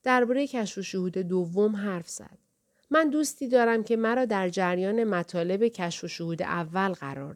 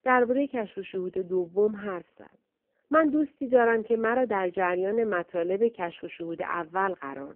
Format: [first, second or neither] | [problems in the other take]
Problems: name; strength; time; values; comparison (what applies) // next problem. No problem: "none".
first | phone-call audio; poor line